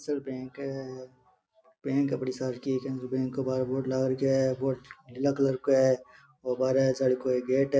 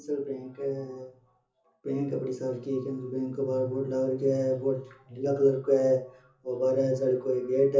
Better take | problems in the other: first | room echo; dies away in 0.8 s

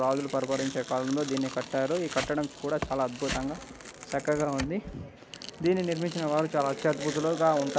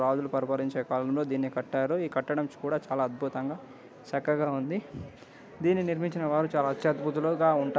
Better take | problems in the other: second | background sound (Tearing); 12 dB below the speech

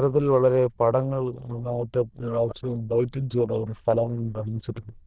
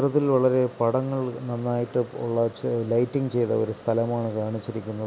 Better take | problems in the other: second | noise reduction (neural diffusion model UNIVERSE++)

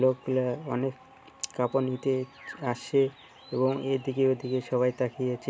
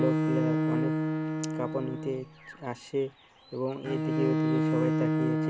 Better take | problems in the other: first | background sound (Bowed string instrument); 5 dB above the speech

